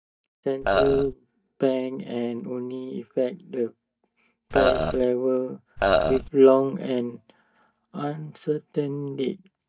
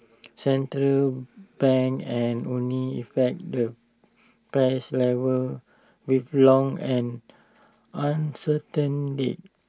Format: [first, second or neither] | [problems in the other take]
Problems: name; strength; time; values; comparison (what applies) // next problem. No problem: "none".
second | noise reduction (neural mask model DeepFilterNet 3)